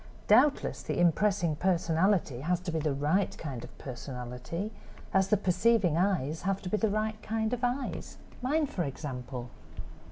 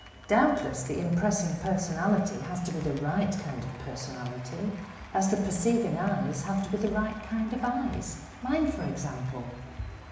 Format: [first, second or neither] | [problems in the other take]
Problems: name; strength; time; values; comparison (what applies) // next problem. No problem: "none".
first | background sound (Applause / Cheering); 20 dB below the speech // room echo; dies away in 1 s